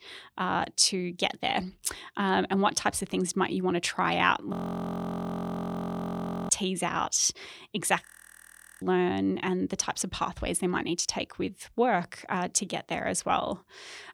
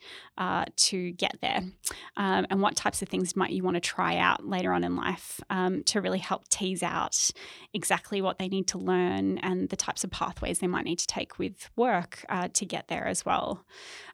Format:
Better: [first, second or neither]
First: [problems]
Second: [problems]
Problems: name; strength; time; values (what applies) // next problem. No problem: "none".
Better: second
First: audio freezing; at 4.5 s for 2 s and at 8 s for 1 s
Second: none